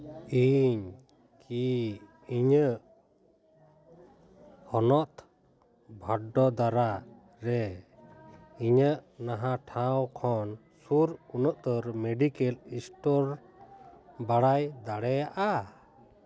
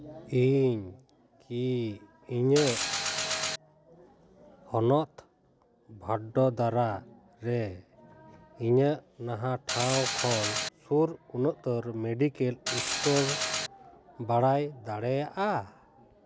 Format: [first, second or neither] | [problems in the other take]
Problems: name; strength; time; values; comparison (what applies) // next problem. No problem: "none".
first | background sound (Mechanisms); 1 dB below the speech